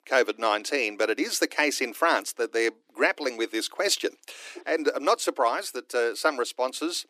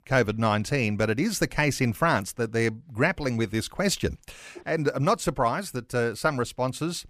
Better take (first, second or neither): second